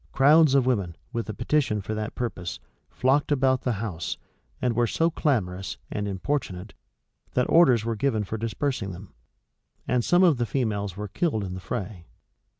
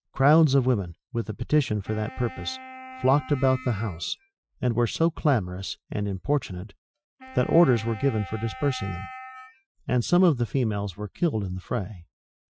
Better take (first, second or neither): first